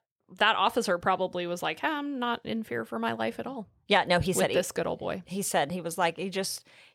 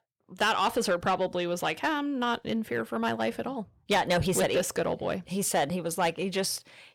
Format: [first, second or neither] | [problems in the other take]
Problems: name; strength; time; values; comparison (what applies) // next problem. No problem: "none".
first | distortion; slight; 10 dB below the speech